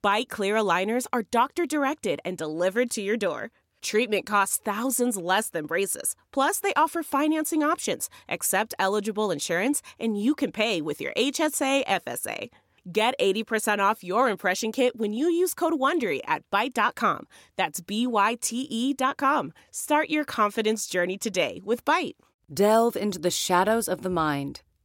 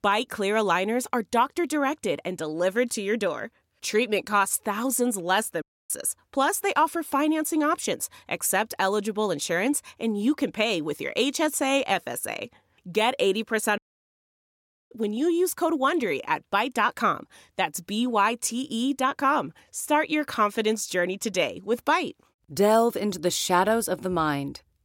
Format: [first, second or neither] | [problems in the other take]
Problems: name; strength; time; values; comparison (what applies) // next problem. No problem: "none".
first | audio cutting out; at 5.5 s and at 14 s for 1 s